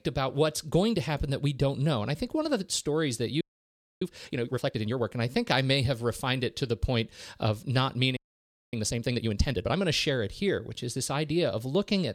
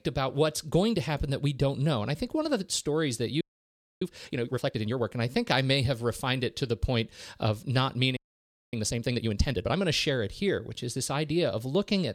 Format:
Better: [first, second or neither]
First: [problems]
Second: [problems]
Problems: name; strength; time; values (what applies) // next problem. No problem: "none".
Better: neither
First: audio freezing; at 3.5 s for 0.5 s and at 8 s for 0.5 s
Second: audio freezing; at 3.5 s for 0.5 s and at 8 s for 0.5 s